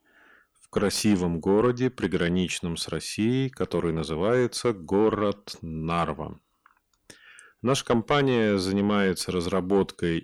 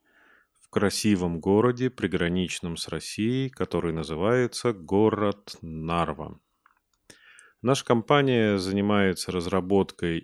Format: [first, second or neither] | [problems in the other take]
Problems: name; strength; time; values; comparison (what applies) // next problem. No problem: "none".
second | distortion; slight; 10 dB below the speech